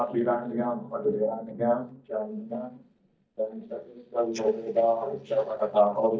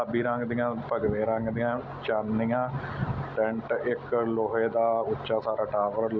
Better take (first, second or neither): second